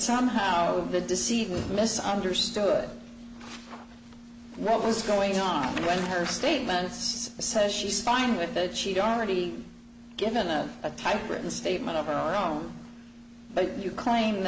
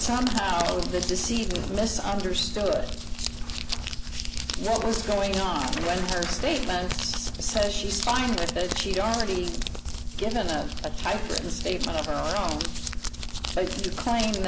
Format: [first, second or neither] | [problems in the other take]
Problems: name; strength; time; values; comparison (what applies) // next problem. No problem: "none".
first | background sound (Crumpling, crinkling); 2 dB below the speech